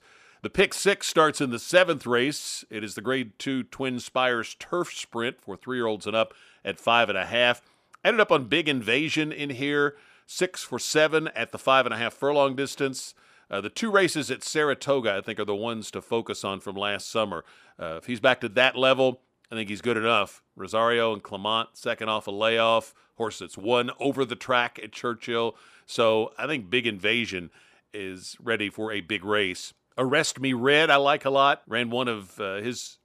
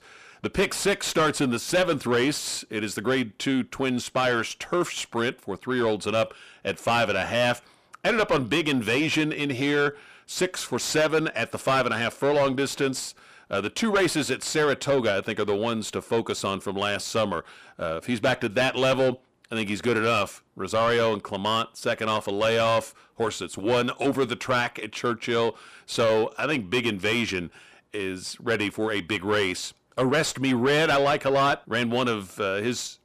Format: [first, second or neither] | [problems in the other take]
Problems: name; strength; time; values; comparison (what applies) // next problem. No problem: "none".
first | distortion; heavy; 7 dB below the speech